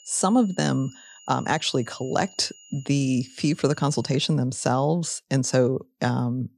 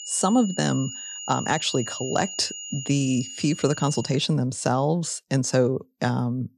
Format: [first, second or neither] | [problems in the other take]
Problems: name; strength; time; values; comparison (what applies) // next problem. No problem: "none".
first | high-pitched whine; loud; until 4 s; 7 kHz, 9 dB below the speech; faint in the first